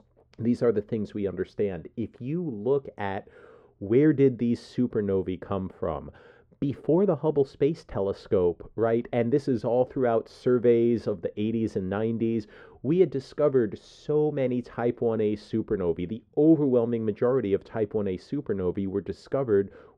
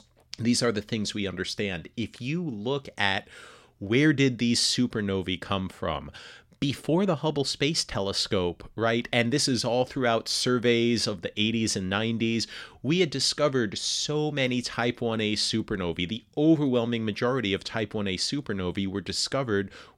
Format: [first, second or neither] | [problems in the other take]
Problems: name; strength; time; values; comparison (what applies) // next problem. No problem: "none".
second | muffled; very; fading above 2 kHz